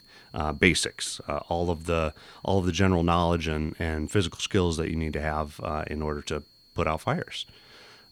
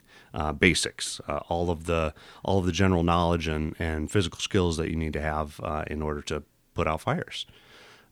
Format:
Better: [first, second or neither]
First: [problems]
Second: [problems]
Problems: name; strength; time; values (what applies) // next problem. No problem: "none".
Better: second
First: high-pitched whine; faint; throughout; 4.5 kHz, 30 dB below the speech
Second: none